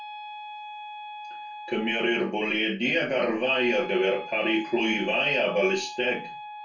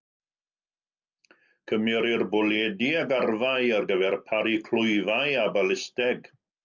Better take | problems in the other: second | background sound (Wind instrument, woodwind instrument); 13 dB below the speech // room echo; dies away in 0.3 s

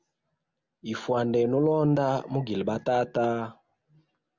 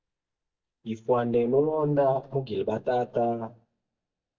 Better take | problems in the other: first | noise reduction (neural mask model DeepFilterNet 3)

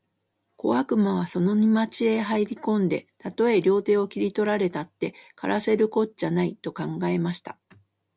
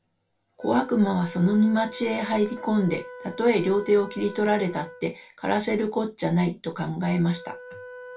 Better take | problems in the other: first | background sound (Wind instrument, woodwind instrument); 18 dB below the speech // room echo; dies away in 0.2 s

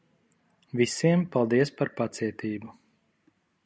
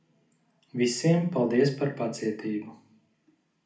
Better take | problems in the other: first | room echo; dies away in 0.4 s

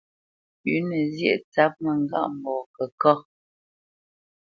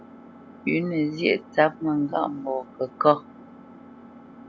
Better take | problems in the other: first | background sound (Engine); 20 dB below the speech

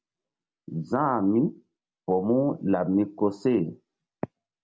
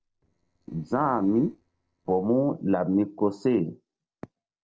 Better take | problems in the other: first | noise reduction (neural separator model SepFormer DNS4)

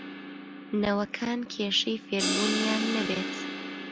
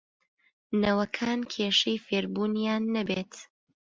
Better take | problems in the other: second | background sound (Crash cymbal); 3 dB below the speech

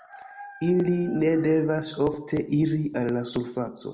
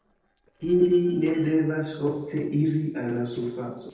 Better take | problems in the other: first | noise reduction (neural separator model SepFormer DNS4)

